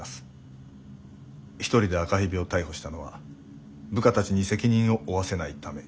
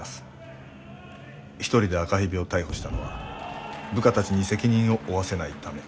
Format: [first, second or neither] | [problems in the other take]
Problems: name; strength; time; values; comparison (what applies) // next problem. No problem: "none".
first | background sound (Applause / Cheering); 13 dB below the speech